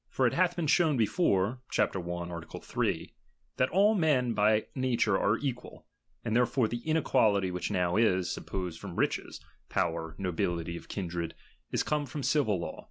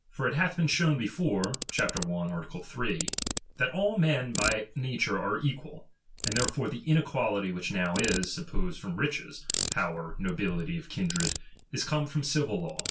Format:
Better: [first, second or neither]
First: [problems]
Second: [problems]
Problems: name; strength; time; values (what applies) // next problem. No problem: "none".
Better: first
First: none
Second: background sound (Ratchet, pawl); 9 dB below the speech // room echo; dies away in 0.2 s